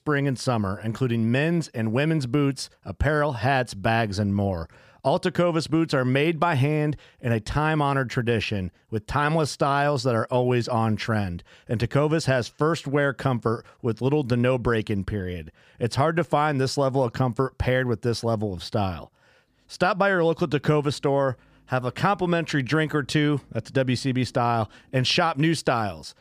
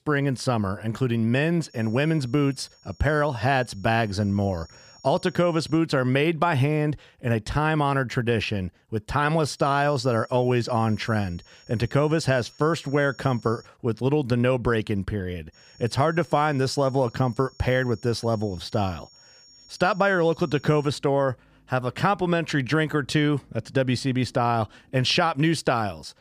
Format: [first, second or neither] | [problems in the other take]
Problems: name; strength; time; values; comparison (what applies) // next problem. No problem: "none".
first | high-pitched whine; faint; from 1.5 to 6 s, from 9.5 to 14 s and from 16 to 21 s; 5.5 kHz, 25 dB below the speech